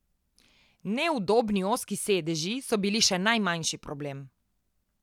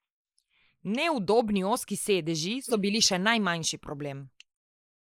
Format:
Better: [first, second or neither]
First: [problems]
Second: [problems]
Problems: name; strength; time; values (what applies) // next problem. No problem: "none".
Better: first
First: none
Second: noise reduction (neural mask model Resemble Enhance denoiser)